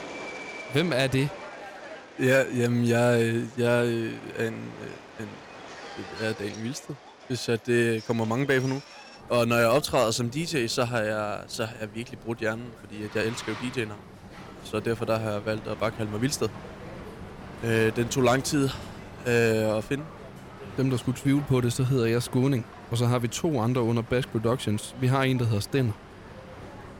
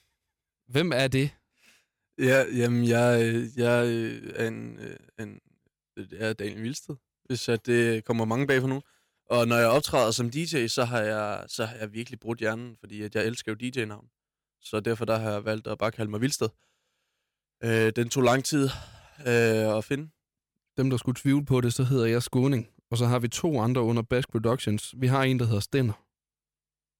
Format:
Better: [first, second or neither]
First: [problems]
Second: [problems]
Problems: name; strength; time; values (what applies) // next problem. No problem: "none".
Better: second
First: train or aircraft noise; noticeable; throughout; 15 dB below the speech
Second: none